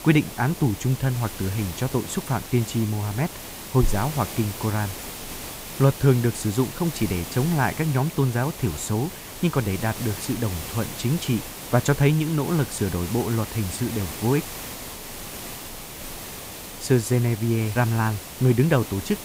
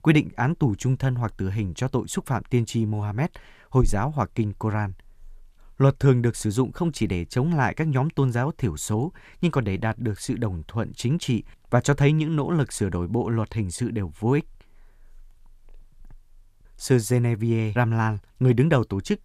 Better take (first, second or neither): second